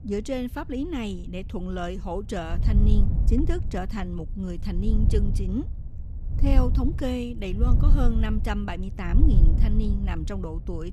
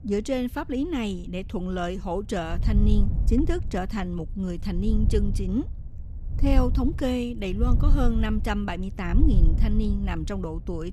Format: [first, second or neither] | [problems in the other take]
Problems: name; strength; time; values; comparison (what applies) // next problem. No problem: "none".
second | wind noise on the microphone; heavy; 9 dB below the speech; occasional gusts in the second